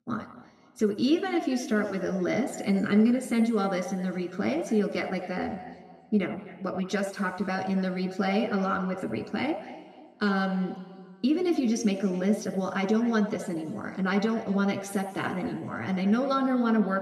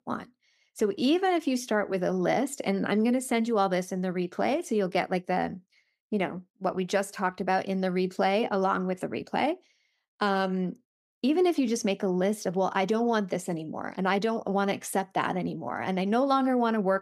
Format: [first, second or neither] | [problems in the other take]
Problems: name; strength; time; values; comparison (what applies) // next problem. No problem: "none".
second | room echo; slight; dies away in 1.8 s